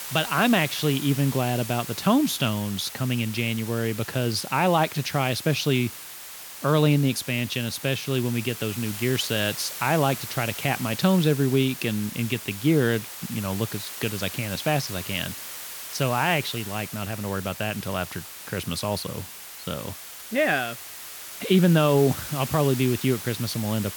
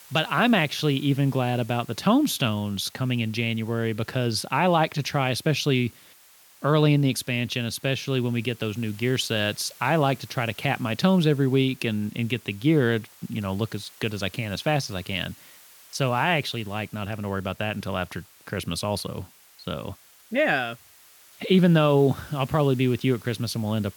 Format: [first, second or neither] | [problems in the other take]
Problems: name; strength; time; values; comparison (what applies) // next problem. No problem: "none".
second | hiss; loud; throughout; 10 dB below the speech; faint in the second